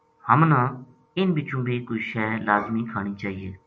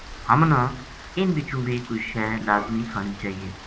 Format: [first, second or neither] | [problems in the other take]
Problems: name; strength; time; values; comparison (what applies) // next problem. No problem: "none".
first | background sound (Rain); 16 dB below the speech